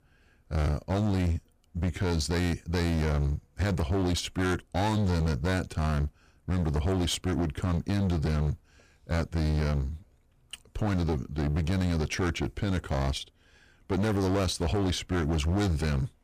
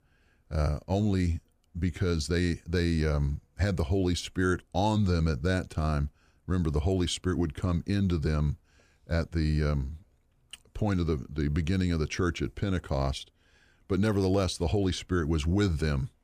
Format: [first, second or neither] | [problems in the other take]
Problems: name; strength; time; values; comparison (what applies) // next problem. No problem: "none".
second | distortion; slight; 25% of the sound clipped